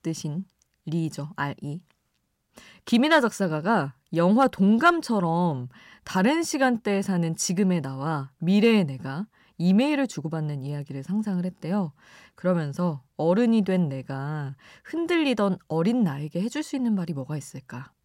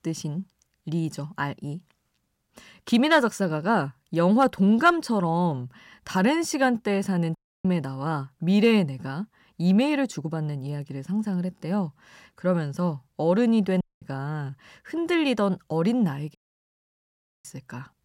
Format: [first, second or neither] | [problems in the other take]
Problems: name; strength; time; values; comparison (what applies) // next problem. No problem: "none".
first | audio cutting out; at 7.5 s, at 14 s and at 16 s for 1 s